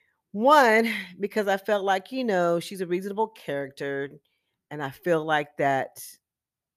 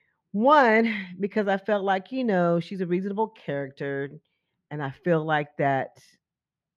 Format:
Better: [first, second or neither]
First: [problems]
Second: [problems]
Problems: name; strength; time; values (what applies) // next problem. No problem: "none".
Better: first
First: none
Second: muffled; slightly; fading above 3 kHz